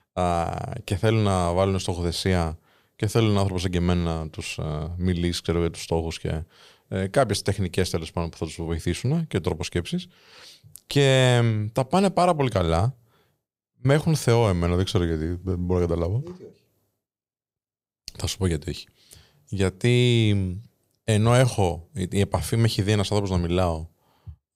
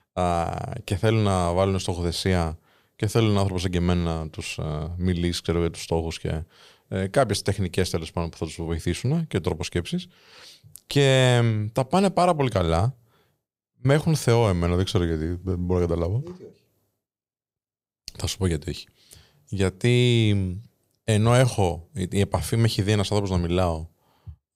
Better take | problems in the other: neither | none

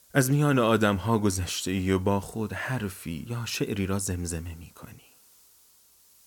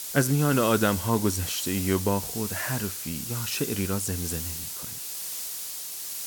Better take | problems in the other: first | hiss; loud; throughout; 5 dB below the speech; faint in the first

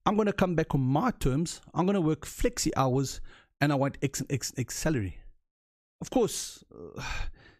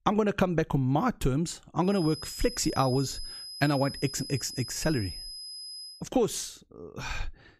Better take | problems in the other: first | high-pitched whine; loud; from 2 to 6 s; 5 kHz, 10 dB below the speech

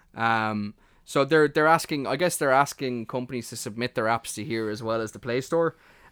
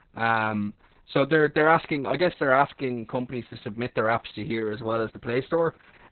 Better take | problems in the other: first | garbled, watery; badly; nothing above 4 kHz

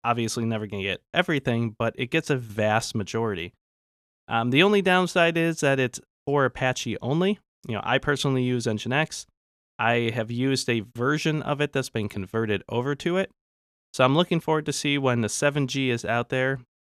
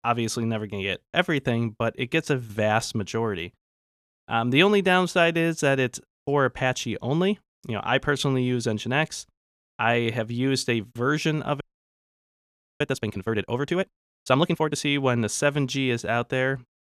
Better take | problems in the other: first | audio freezing; at 12 s for 1 s

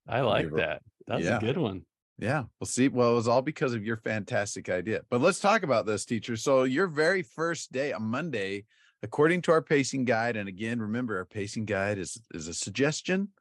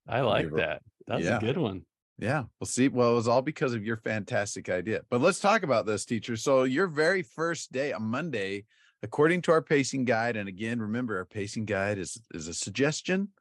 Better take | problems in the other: neither | none

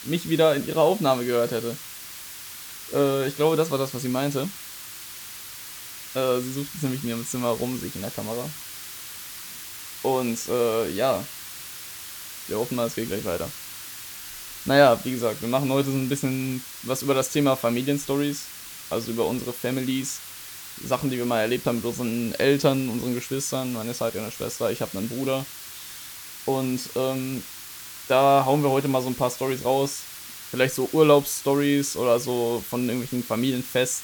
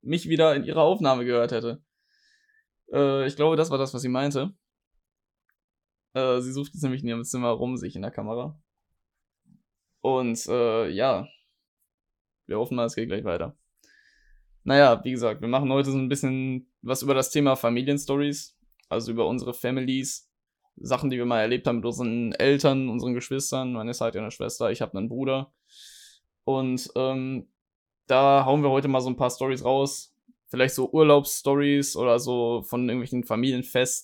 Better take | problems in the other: second | hiss; noticeable; throughout; 10 dB below the speech

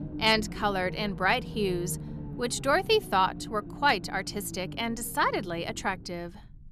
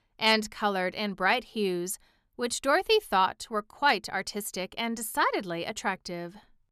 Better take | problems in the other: second | low rumble; noticeable; throughout; 20 dB below the speech

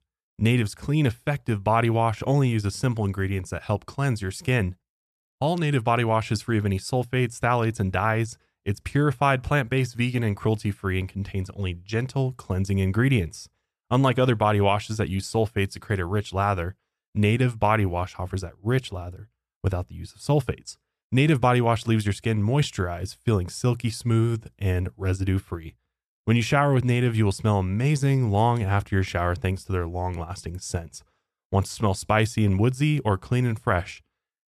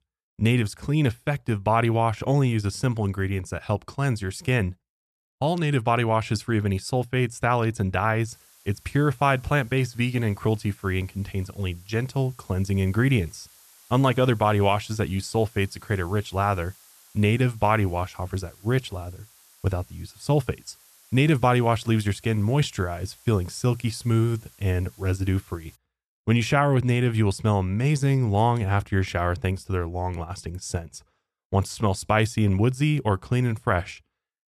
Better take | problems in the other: first | hiss; faint; from 8.5 to 26 s; 25 dB below the speech

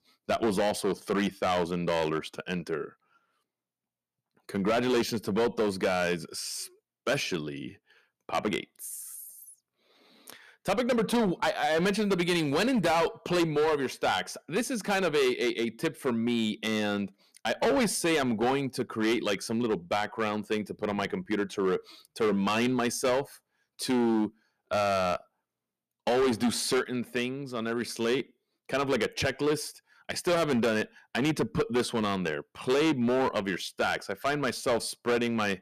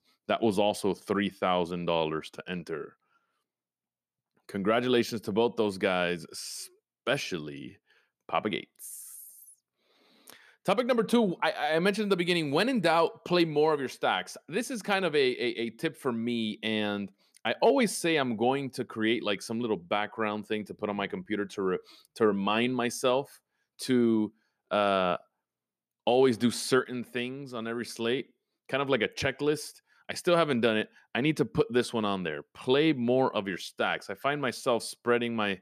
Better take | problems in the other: second | distortion; heavy; 9% of the sound clipped

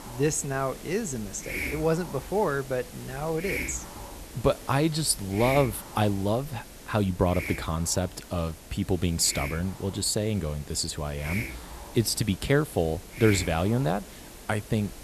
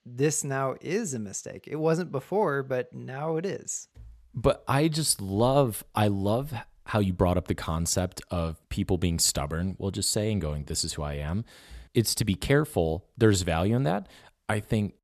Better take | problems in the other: second | hiss; noticeable; throughout; 10 dB below the speech

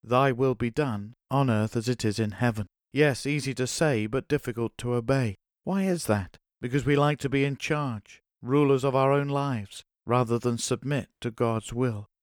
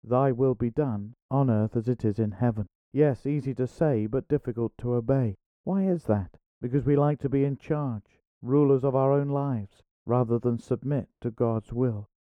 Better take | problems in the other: first | muffled; very; fading above 1.5 kHz

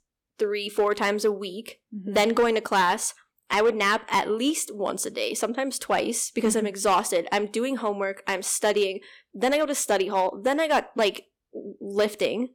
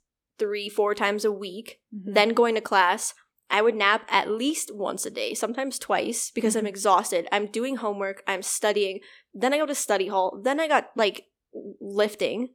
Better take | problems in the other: second | distortion; slight; 3% of the sound clipped

